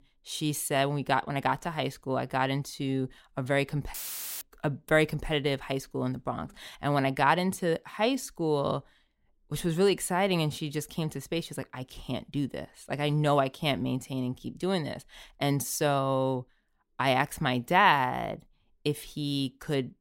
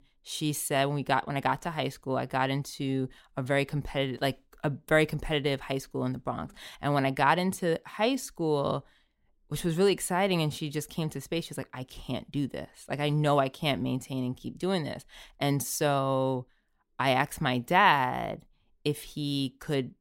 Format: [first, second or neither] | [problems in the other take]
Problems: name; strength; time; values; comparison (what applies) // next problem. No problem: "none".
second | audio cutting out; filled with static; at 4 s